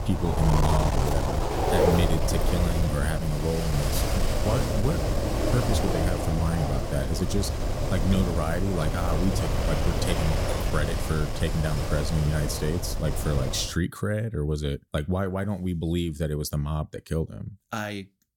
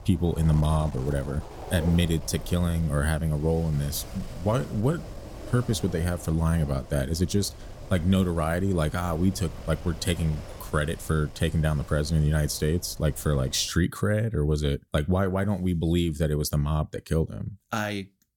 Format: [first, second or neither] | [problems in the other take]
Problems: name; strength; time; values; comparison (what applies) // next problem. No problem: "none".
second | wind noise on the microphone; heavy; until 14 s; 2 dB above the speech; occasional gusts in the second